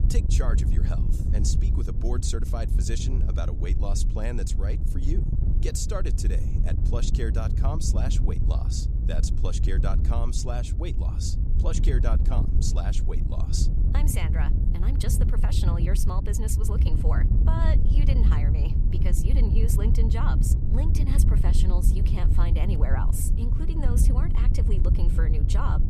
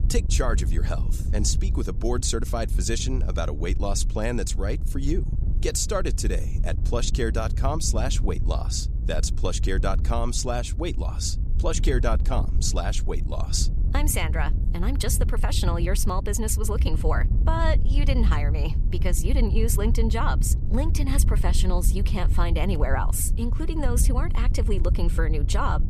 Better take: second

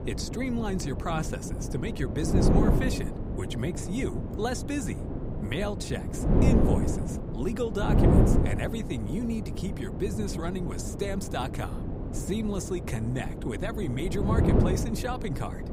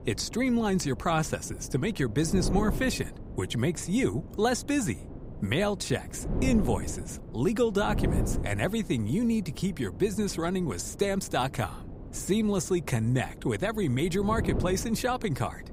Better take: second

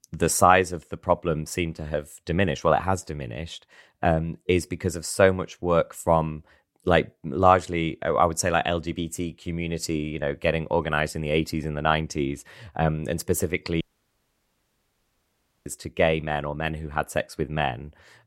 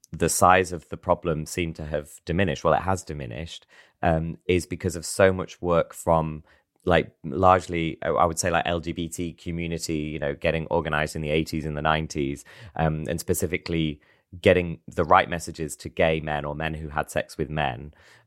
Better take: second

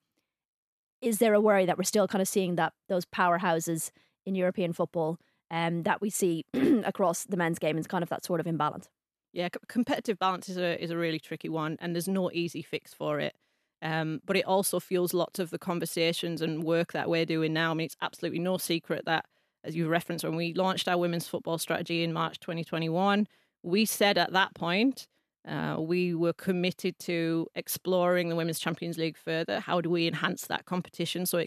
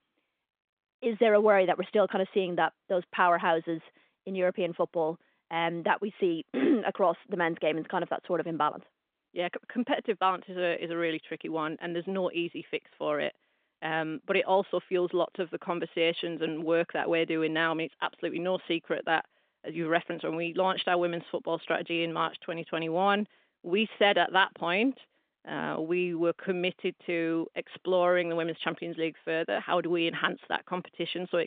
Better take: first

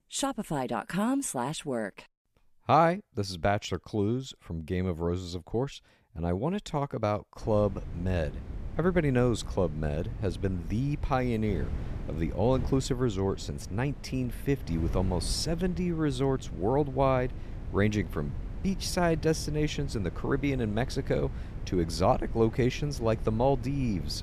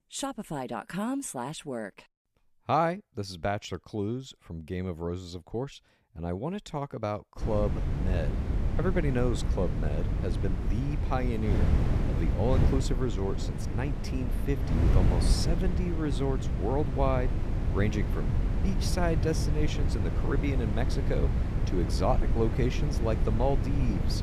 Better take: first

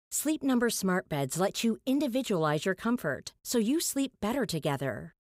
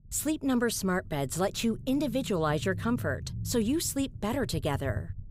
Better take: first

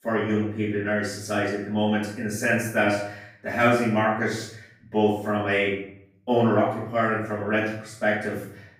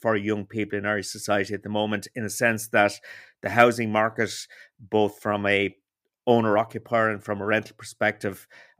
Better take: second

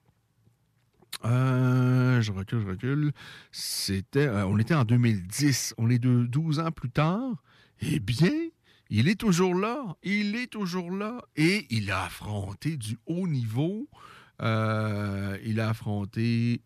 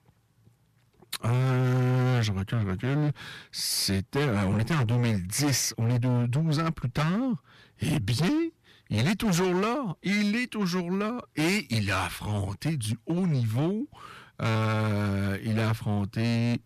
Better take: first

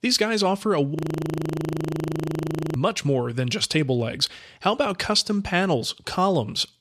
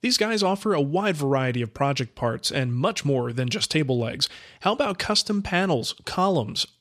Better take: second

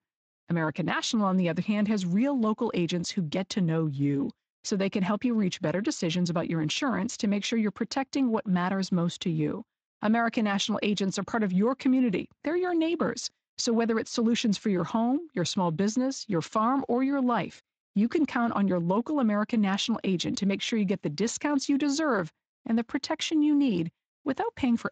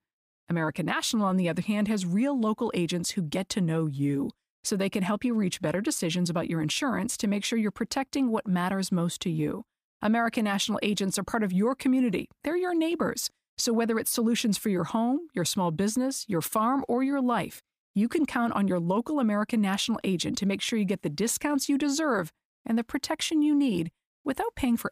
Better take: second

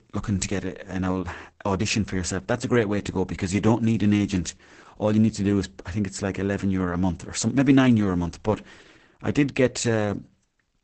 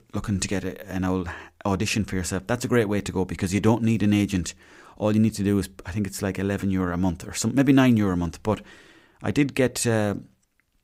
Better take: second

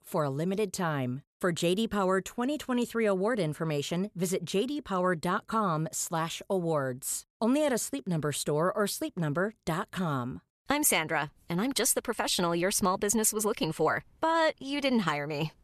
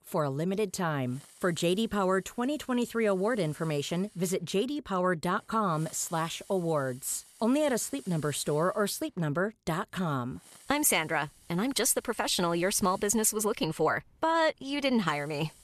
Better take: first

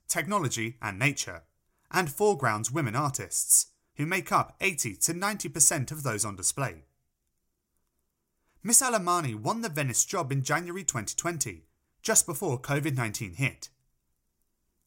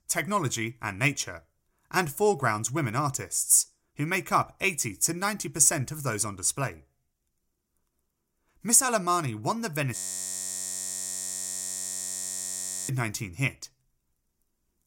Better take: first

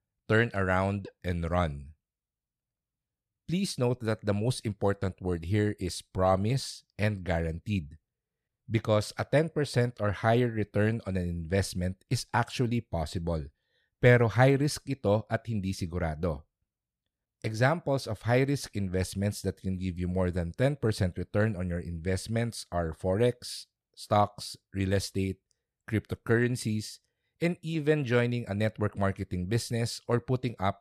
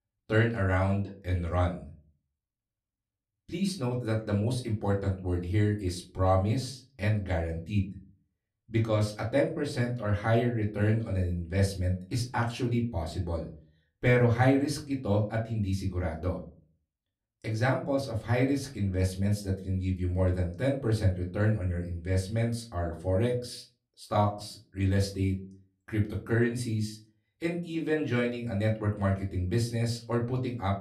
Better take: first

